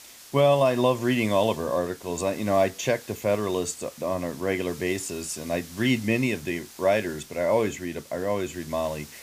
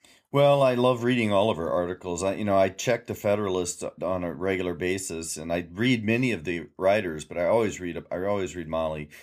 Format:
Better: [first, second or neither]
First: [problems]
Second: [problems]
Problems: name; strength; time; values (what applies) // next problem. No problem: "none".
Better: second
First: hiss; noticeable; throughout; 20 dB below the speech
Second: none